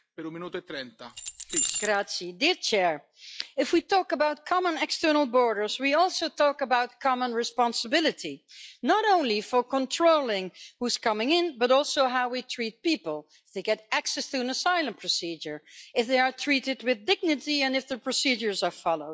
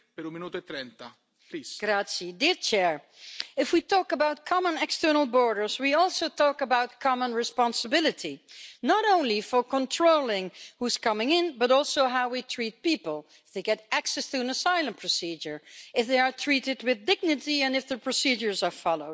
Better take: second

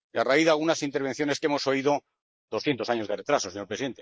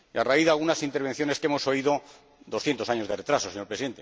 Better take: second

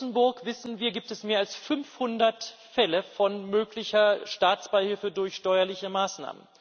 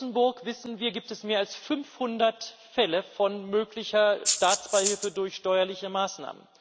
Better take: first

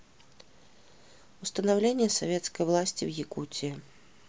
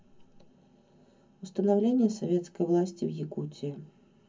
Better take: first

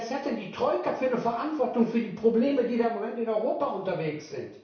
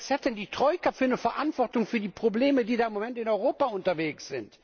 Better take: second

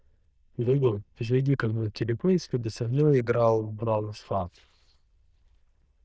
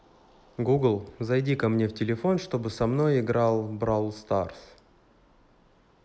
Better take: second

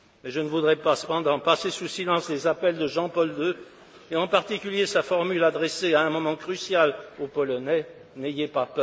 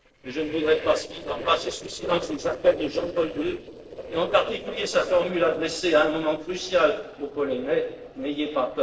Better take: first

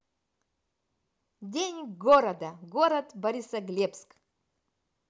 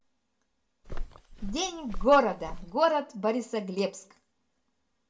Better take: first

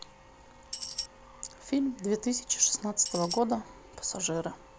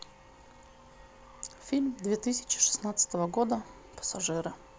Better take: second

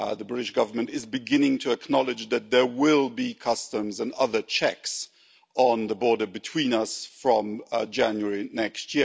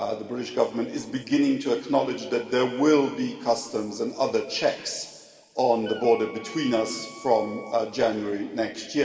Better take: first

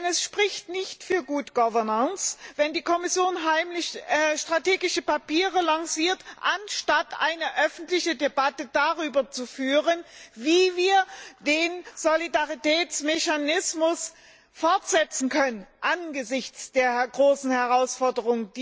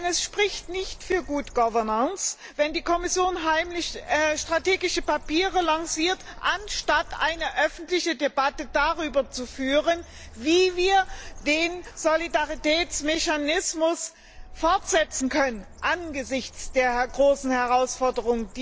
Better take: first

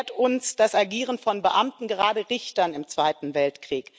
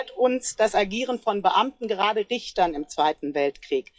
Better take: first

